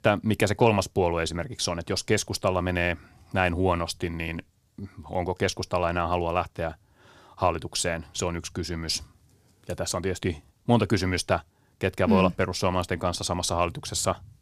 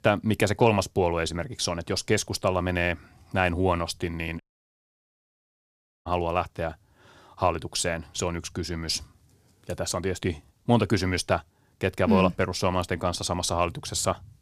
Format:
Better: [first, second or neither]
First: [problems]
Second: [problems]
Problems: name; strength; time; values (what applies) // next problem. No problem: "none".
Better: first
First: none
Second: audio cutting out; at 4.5 s for 1.5 s